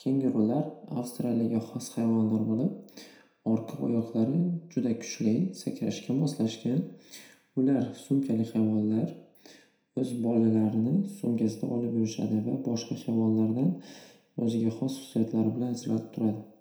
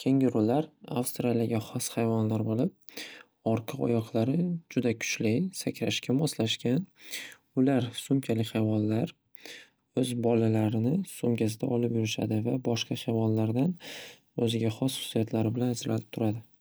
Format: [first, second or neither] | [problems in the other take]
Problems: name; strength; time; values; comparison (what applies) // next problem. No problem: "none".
second | room echo; dies away in 0.5 s